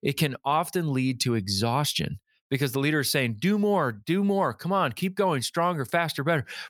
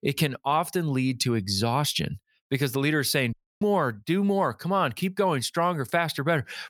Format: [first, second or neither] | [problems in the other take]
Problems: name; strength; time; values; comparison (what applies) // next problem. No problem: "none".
first | audio cutting out; at 3.5 s